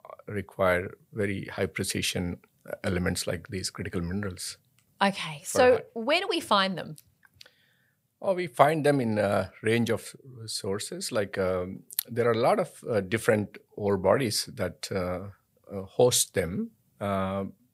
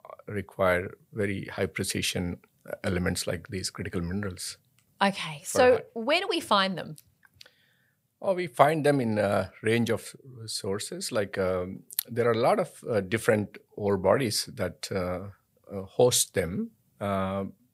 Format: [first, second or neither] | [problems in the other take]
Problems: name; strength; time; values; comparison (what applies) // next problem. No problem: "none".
neither | none